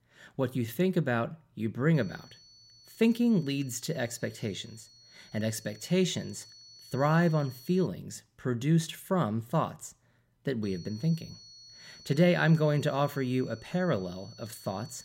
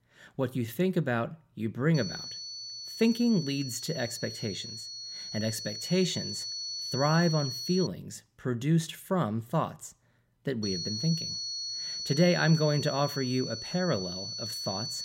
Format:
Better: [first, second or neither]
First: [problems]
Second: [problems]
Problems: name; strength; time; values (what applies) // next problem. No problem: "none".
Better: first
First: high-pitched whine; faint; from 2 to 8 s and from 11 s on; 4.5 kHz, 20 dB below the speech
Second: high-pitched whine; loud; from 2 to 8 s and from 11 s on; 4.5 kHz, 5 dB below the speech